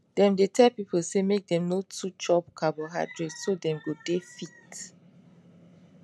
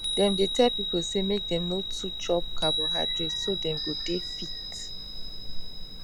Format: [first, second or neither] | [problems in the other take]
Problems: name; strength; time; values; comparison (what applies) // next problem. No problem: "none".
first | background sound (Chime); 1 dB below the speech